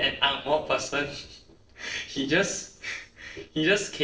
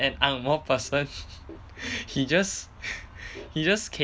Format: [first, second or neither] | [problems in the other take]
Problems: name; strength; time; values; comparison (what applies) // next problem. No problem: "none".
second | noise reduction (neural separator model SepFormer DNS4)